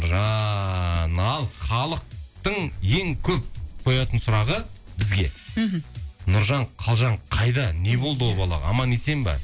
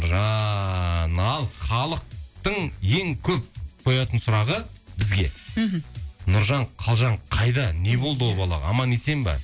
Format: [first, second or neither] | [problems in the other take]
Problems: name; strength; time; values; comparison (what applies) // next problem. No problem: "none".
second | background sound (Car + Bird); 13 dB below the speech